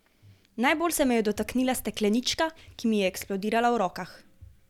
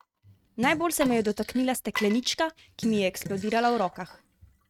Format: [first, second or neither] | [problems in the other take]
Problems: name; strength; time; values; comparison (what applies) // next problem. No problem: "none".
first | noise reduction (neural mask model RNNoise)